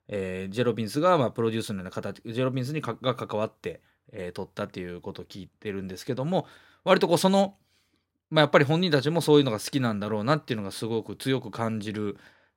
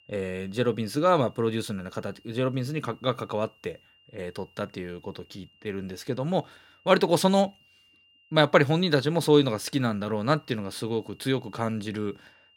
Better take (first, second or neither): first